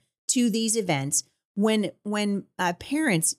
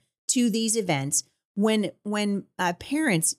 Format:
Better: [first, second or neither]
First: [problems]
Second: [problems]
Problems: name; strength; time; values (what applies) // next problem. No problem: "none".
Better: neither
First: none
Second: none